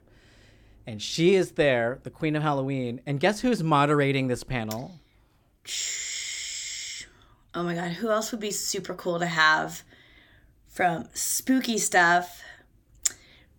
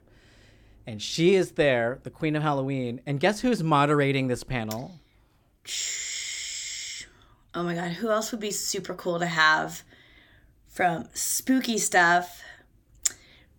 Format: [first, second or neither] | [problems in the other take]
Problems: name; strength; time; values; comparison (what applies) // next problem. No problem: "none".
neither | none